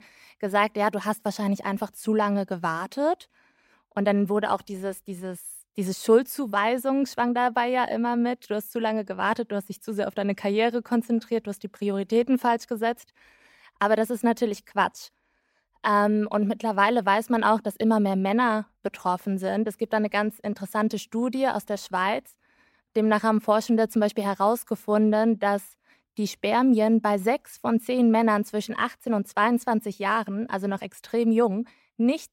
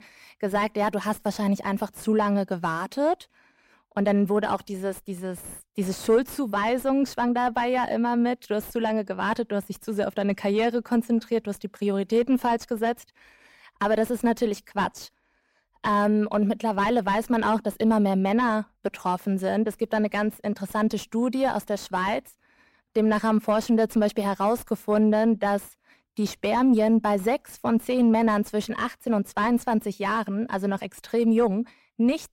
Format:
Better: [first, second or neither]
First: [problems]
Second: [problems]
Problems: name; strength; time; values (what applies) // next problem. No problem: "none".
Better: first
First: none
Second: distortion; slight; 10 dB below the speech